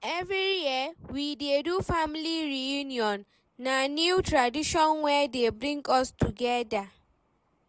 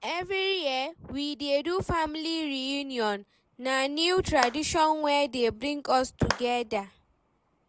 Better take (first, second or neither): first